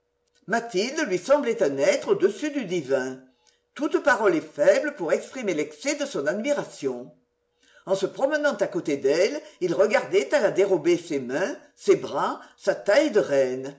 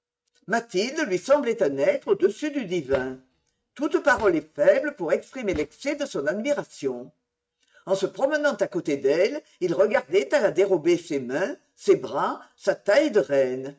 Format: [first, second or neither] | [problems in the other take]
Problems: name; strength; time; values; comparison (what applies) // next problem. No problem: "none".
first | noise reduction (neural mask model RNNoise)